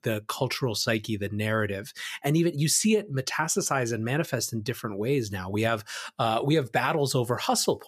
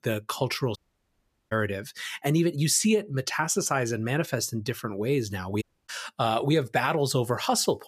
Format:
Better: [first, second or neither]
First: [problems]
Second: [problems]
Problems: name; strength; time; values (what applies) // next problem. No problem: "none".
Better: first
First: none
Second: audio cutting out; at 1 s for 1 s and at 5.5 s